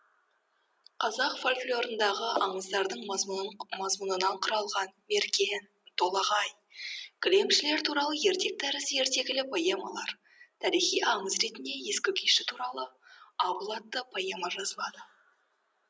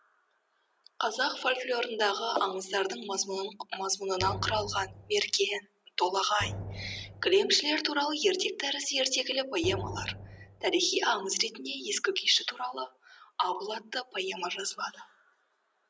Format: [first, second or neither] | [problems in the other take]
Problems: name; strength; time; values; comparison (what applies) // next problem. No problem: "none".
first | background sound (Drum); 11 dB below the speech